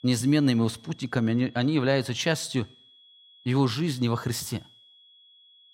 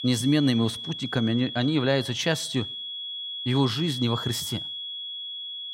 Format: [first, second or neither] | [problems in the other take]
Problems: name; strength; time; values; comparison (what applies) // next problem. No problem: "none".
first | high-pitched whine; loud; throughout; 3.5 kHz, 7 dB below the speech; faint in the first